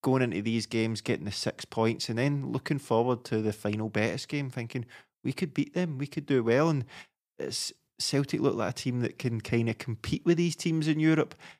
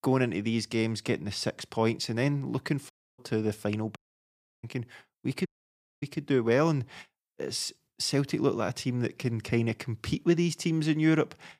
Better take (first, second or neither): first